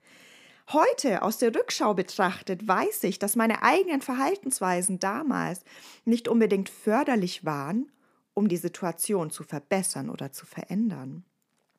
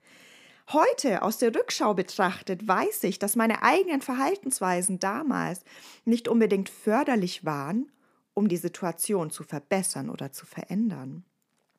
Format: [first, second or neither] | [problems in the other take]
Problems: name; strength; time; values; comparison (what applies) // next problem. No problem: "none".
neither | none